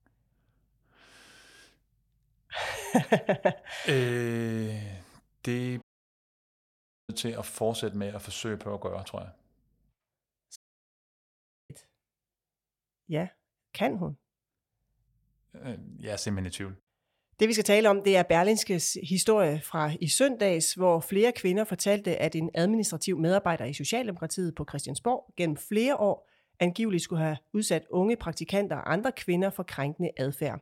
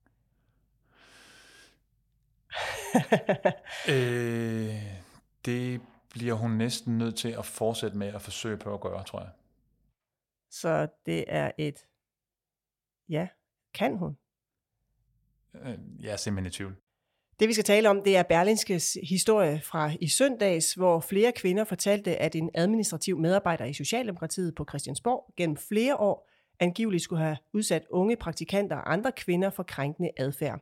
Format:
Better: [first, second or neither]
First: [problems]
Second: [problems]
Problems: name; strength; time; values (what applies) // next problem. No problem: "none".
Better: second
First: audio cutting out; at 6 s for 1.5 s and at 11 s for 1 s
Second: none